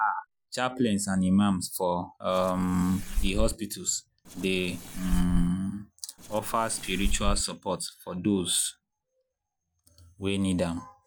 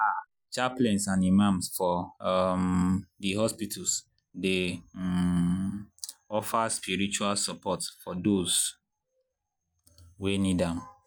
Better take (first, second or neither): second